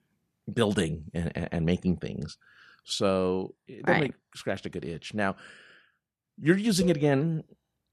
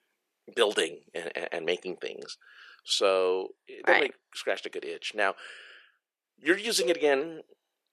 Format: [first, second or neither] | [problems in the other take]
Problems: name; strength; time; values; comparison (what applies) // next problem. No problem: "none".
first | thin; very; fading below 400 Hz